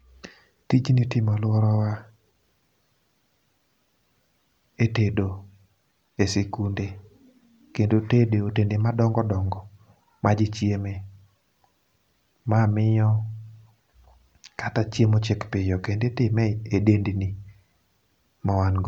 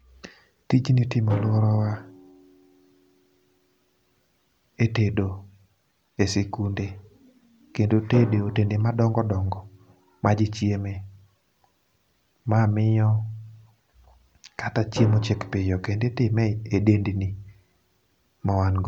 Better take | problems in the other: first | background sound (Drum); 18 dB below the speech

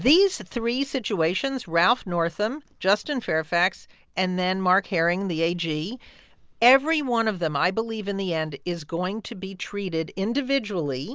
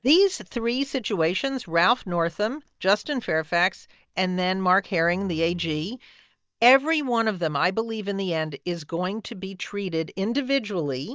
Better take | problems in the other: first | noise reduction (neural mask model DeepFilterNet 3)

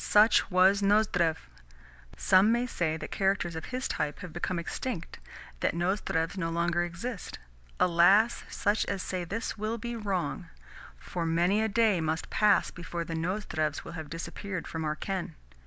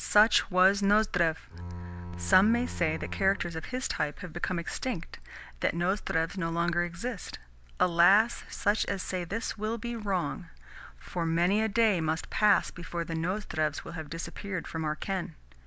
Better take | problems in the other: first | background sound (Bowed string instrument); 10 dB below the speech

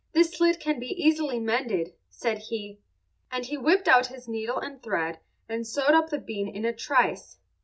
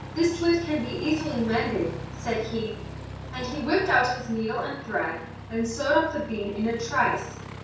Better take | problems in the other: first | background sound (Aircraft); 11 dB below the speech // room echo; dies away in 0.5 s

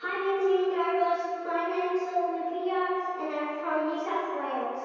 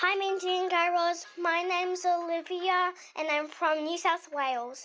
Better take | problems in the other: second | room echo; dies away in 2.2 s

